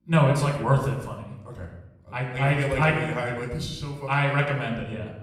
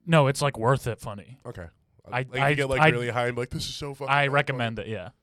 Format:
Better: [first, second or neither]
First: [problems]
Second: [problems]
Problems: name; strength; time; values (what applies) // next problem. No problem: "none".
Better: second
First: off-mic speech; somewhat distant // room echo; noticeable; dies away in 0.8 s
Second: none